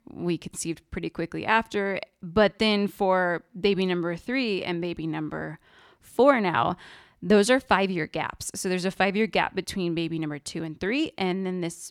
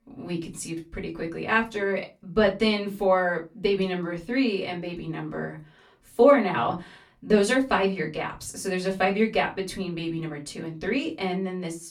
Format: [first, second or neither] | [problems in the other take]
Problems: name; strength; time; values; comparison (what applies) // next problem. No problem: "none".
first | off-mic speech; far // room echo; very slight; dies away in 0.2 s